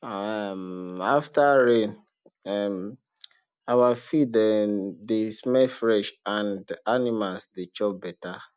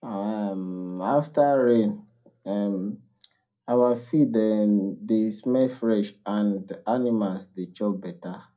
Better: first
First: none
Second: room echo; dies away in 0.2 s

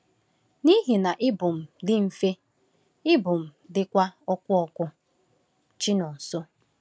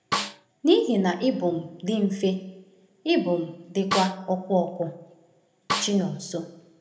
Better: first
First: none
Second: background sound (Snare drum); 5 dB below the speech // room echo; dies away in 0.7 s

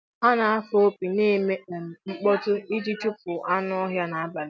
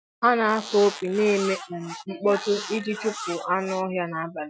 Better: first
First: none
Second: noise reduction (classical method Wiener filter)

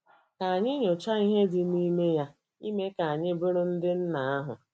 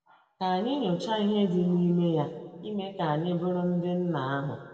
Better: first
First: none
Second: room echo; dies away in 1.6 s

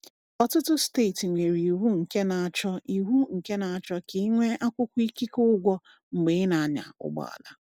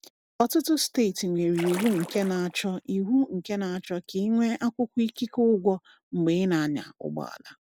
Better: first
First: none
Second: background sound (Splash, splatter); 13 dB below the speech

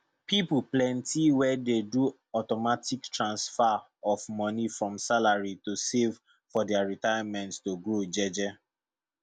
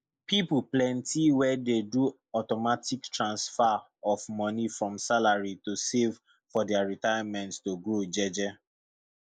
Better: first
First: none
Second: noise reduction (neural mask model Resemble Enhance denoiser)

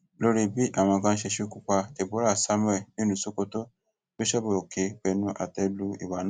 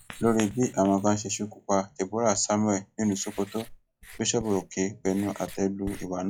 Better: first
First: none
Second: noise reduction (classical method log-MMSE)

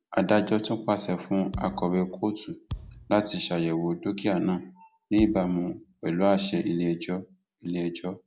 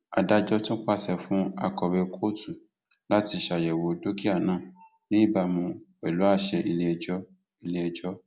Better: second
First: background sound (Thump, thud); 14 dB below the speech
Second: none

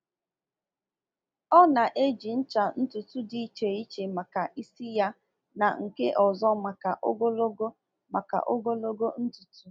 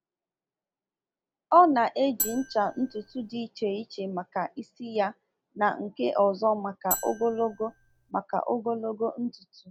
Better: first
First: none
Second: background sound (Marimba, xylophone); 9 dB below the speech

